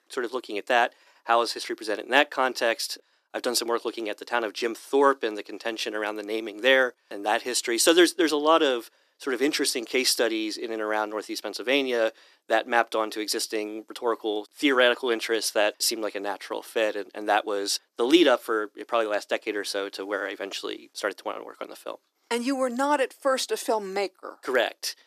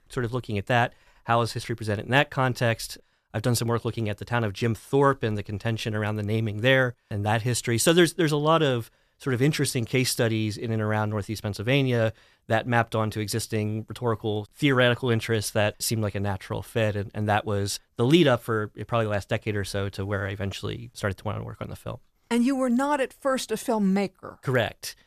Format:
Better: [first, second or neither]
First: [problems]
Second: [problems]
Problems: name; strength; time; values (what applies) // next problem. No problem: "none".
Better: second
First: thin; somewhat; fading below 300 Hz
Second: none